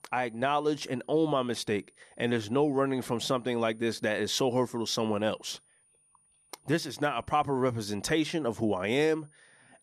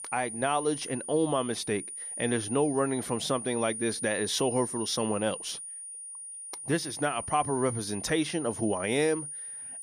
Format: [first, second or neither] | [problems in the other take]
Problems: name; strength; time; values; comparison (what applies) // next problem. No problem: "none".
first | high-pitched whine; loud; throughout; 9.5 kHz, 7 dB below the speech; faint in the first